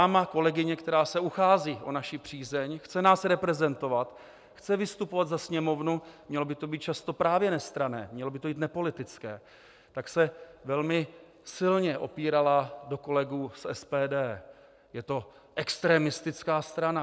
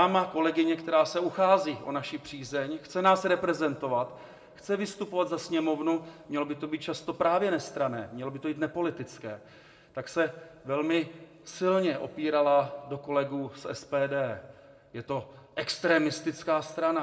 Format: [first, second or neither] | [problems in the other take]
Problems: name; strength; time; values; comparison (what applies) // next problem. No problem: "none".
first | room echo; dies away in 1.4 s